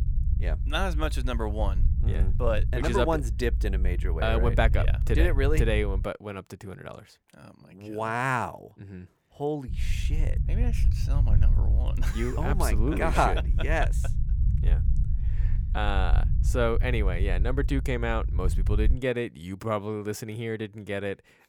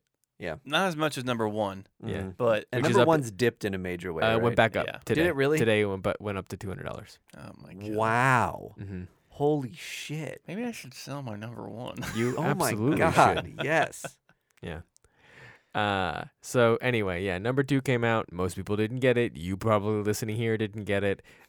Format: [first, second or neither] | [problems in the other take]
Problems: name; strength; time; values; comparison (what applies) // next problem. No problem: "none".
second | low rumble; noticeable; until 6 s and from 9.5 to 19 s; 15 dB below the speech